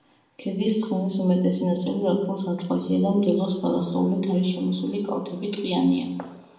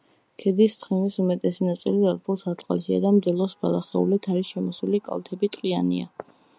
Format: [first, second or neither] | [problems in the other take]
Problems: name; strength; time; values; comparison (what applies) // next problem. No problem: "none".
second | room echo; dies away in 0.8 s